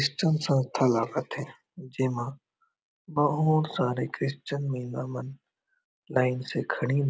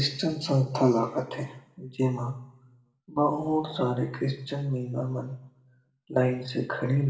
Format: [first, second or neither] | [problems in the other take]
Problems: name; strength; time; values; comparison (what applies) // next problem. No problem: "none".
first | room echo; dies away in 0.7 s